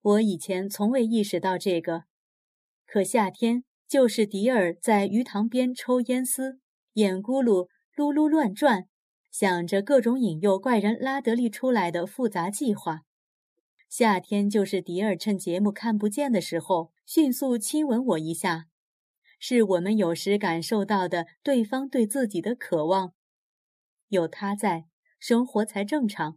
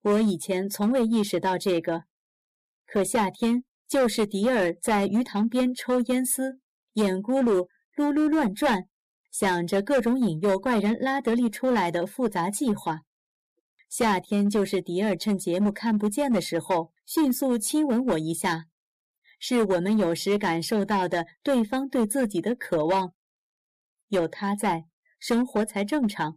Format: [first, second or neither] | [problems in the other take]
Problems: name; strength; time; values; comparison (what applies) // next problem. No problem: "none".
first | distortion; slight; 8% of the sound clipped